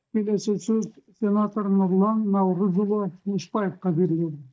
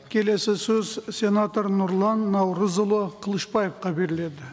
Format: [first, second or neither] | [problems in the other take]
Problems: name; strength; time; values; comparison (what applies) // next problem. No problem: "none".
second | noise reduction (neural mask model DeepFilterNet 3)